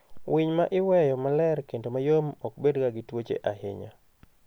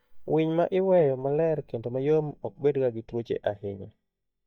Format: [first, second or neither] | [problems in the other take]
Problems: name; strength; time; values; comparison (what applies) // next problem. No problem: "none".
first | noise reduction (neural mask model DeepFilterNet 3)